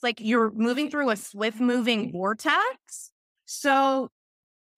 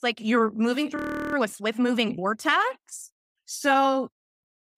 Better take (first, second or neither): first